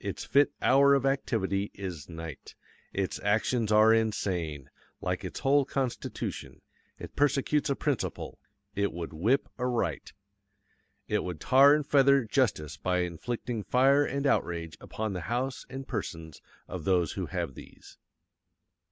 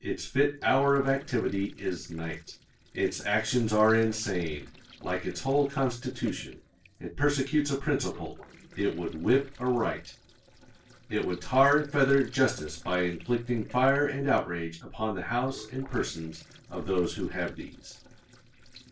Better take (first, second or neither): first